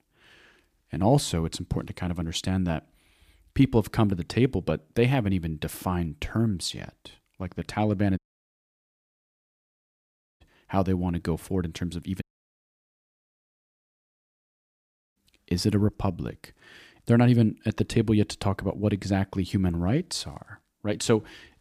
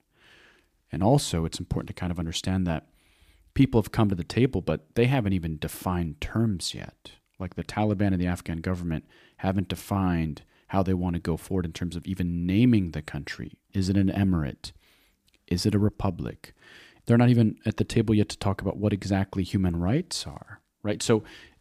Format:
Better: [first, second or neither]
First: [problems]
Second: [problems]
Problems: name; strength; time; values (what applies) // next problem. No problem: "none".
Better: second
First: audio cutting out; at 8 s for 2 s and at 12 s for 3 s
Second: none